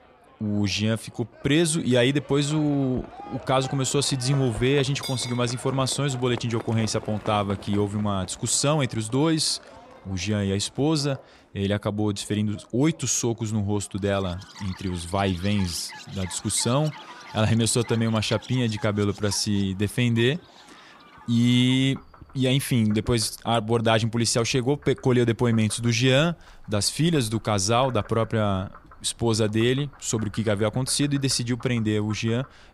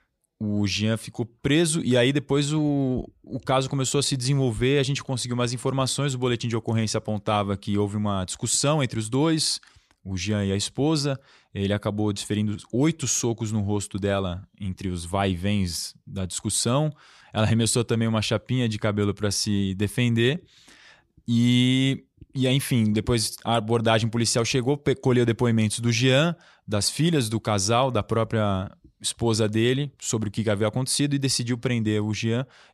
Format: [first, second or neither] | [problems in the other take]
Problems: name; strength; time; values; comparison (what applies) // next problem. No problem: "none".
second | animal sounds; noticeable; throughout; 20 dB below the speech